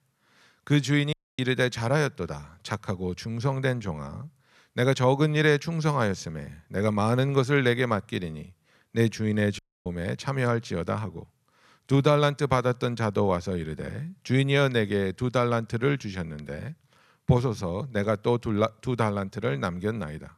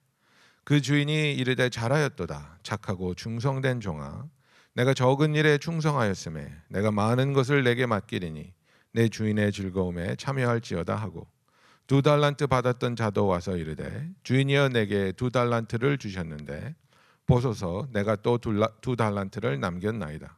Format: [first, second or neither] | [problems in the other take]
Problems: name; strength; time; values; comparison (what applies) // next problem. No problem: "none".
second | audio cutting out; at 1 s and at 9.5 s